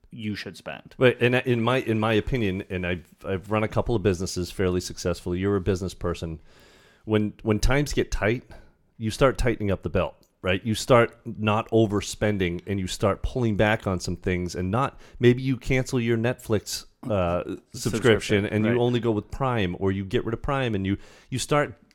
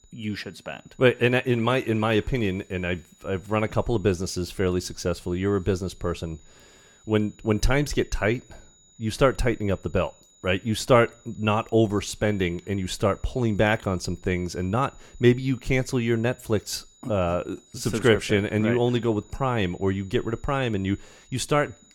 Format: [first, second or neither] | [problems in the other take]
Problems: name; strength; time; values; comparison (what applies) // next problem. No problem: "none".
first | high-pitched whine; faint; throughout; 7 kHz, 30 dB below the speech